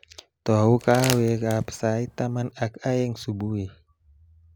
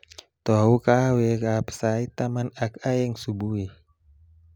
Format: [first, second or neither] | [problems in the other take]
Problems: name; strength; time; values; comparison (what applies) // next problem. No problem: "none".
second | background sound (Crumpling, crinkling); 12 dB below the speech